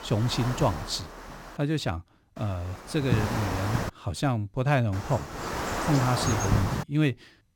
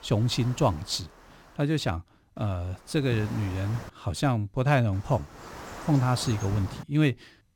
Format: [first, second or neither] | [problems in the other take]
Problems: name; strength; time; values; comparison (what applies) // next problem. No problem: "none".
second | wind noise on the microphone; heavy; until 1.5 s, from 2.5 to 4 s and from 5 to 7 s; as loud as the speech; occasional gusts in the second